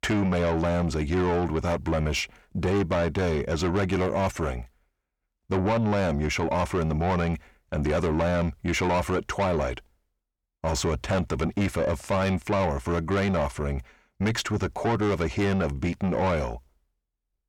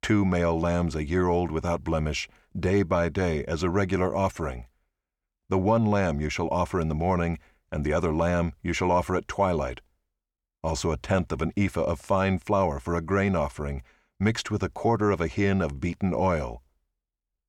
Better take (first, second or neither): second